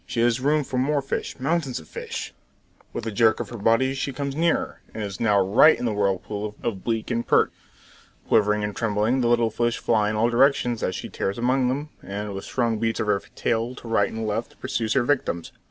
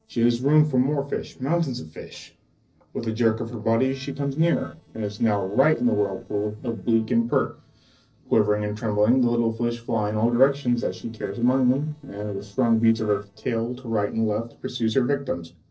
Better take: first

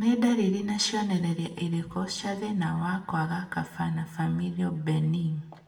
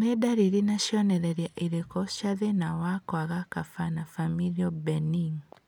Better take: second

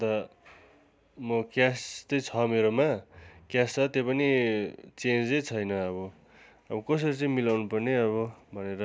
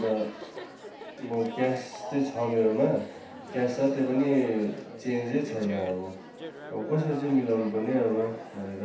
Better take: first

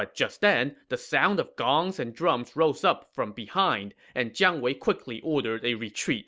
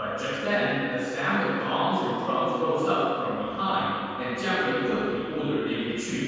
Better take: first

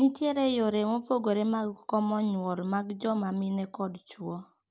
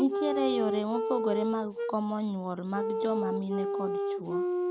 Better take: first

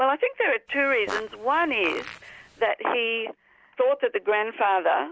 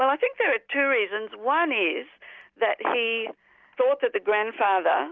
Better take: second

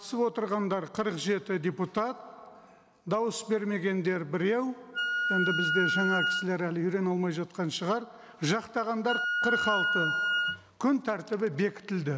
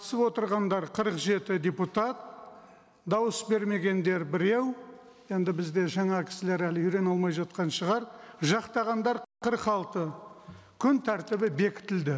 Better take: second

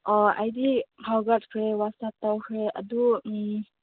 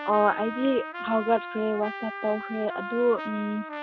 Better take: first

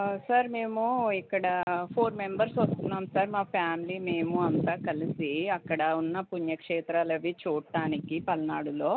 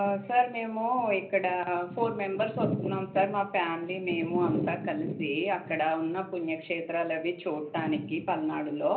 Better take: first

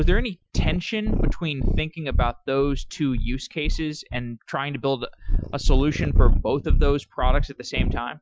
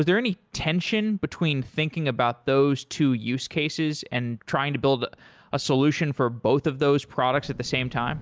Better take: second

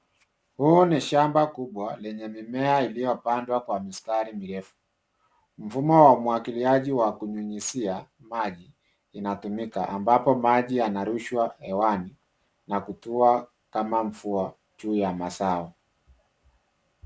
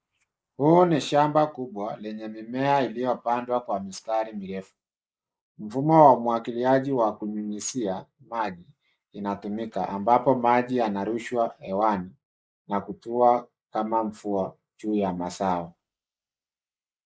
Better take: first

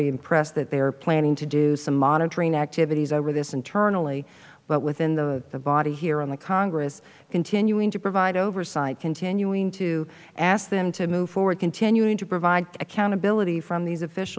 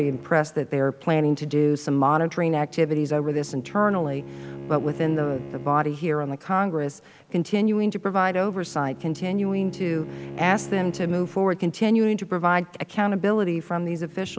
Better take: first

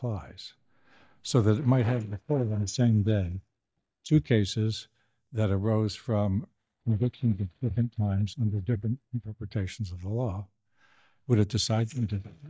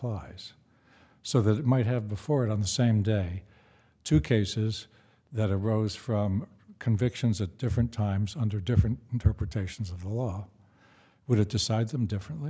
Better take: second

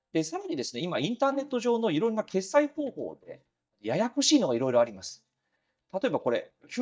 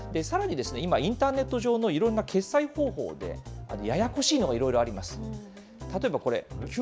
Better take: second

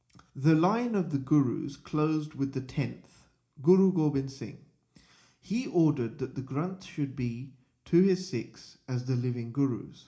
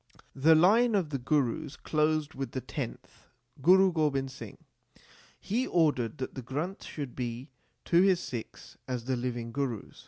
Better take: second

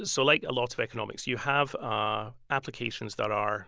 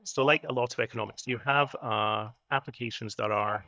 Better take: first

